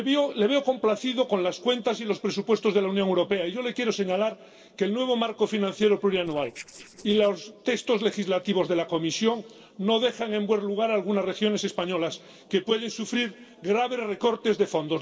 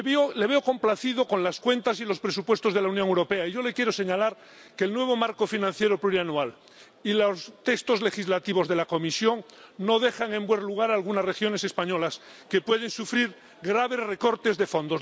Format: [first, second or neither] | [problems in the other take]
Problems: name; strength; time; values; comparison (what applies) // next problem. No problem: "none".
second | noise reduction (neural separator model SepFormer DNS4)